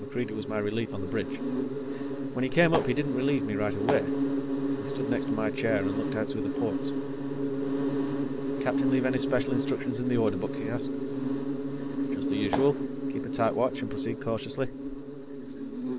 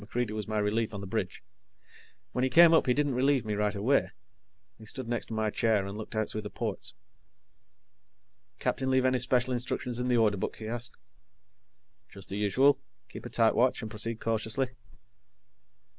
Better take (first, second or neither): second